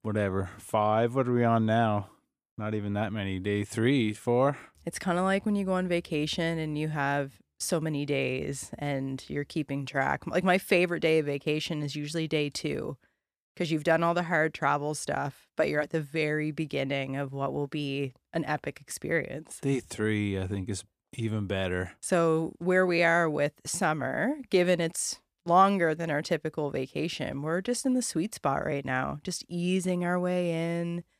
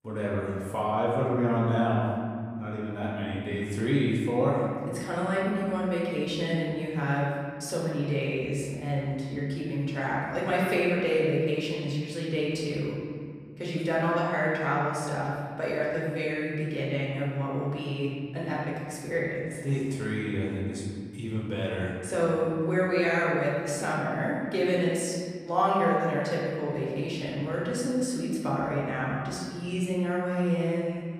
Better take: first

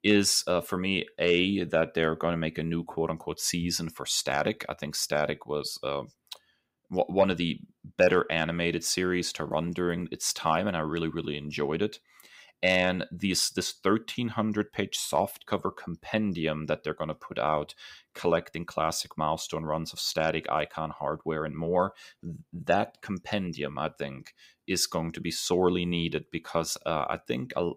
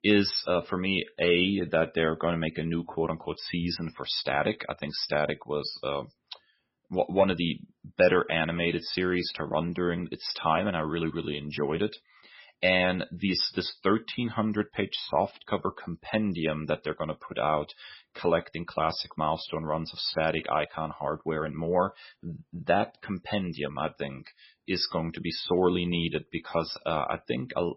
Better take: first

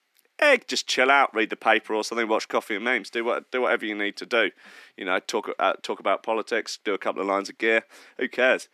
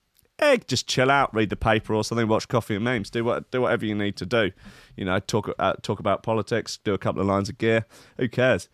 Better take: second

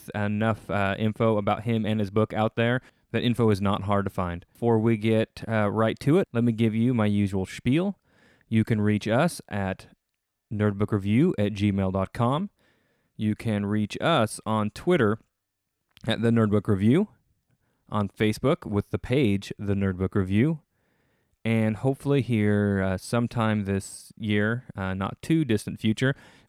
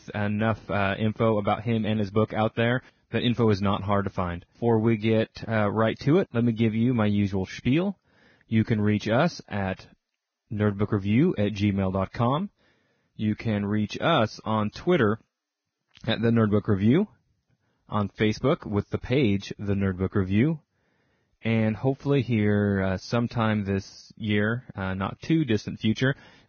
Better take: first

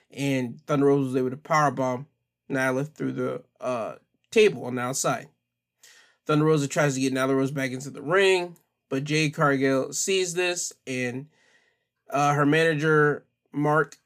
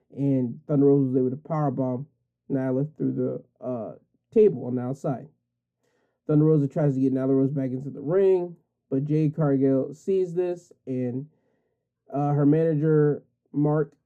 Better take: first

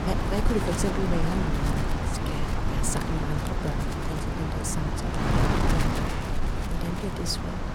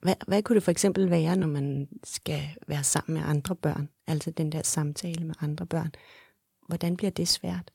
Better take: second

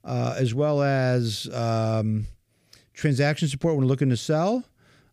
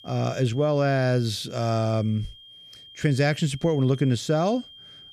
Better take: first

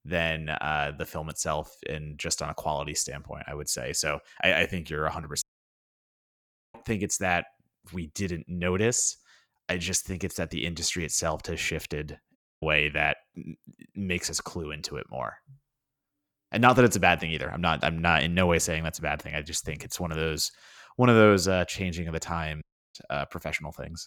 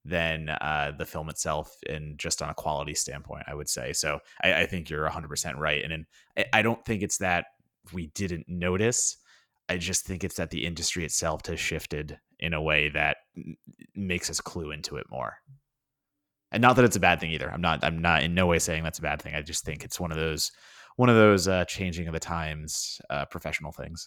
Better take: second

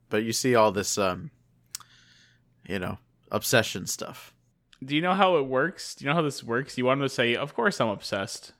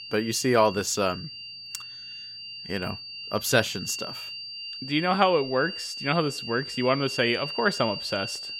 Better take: first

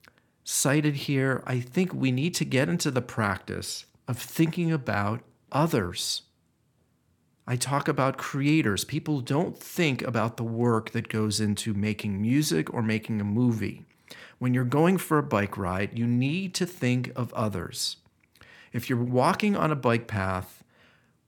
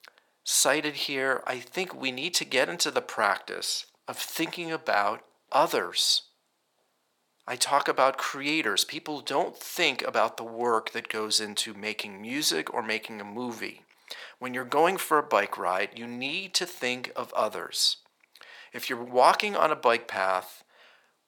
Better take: first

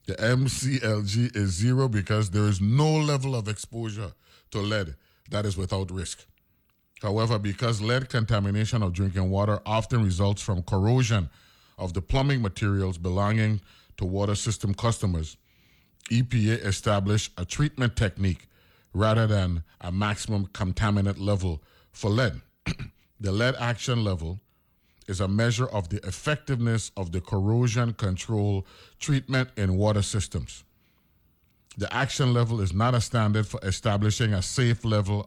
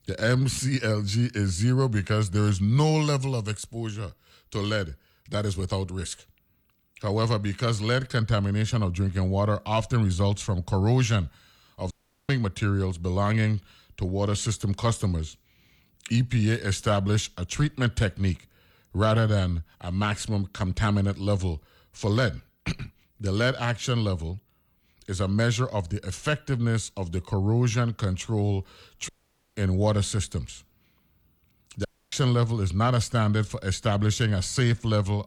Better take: first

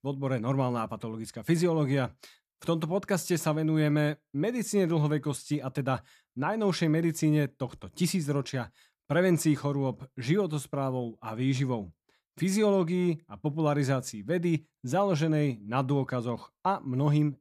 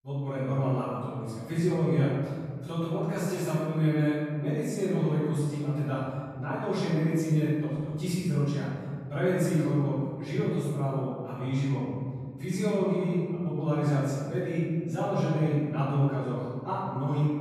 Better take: first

